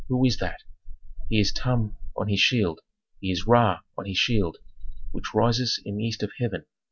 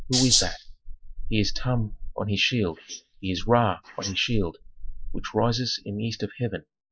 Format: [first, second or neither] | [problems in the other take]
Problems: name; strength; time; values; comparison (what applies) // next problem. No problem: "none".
first | noise reduction (neural mask model Resemble Enhance denoiser)